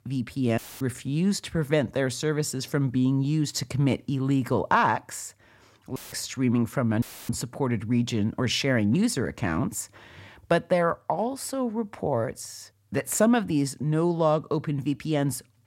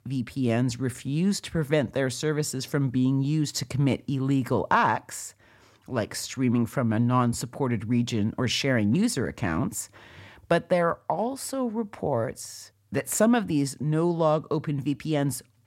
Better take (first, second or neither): second